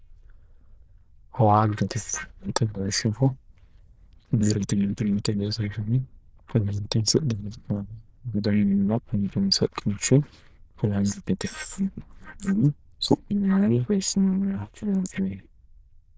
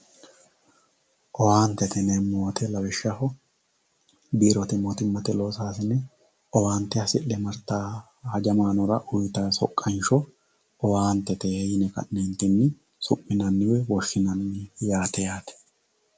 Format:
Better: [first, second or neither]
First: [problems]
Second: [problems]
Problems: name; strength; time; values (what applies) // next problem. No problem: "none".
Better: second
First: noise reduction (neural diffusion model UNIVERSE++)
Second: none